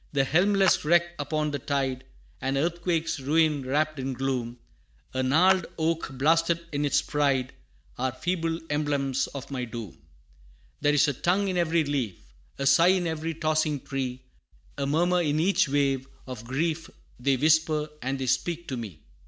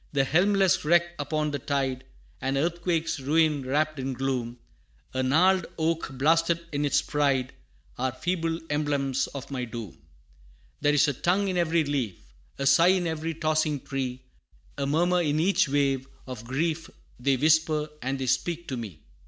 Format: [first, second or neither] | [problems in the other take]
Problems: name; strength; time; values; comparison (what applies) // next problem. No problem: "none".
second | background sound (Clapping); 12 dB below the speech